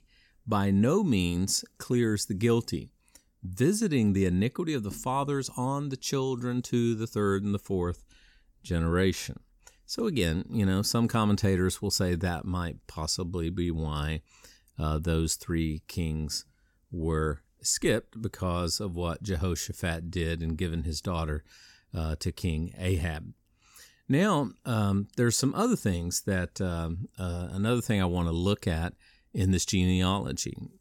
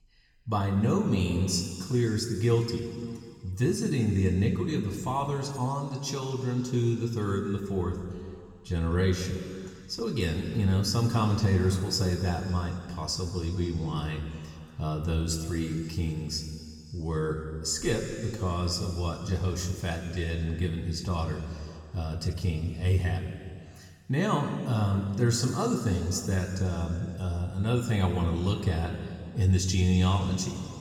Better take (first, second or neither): first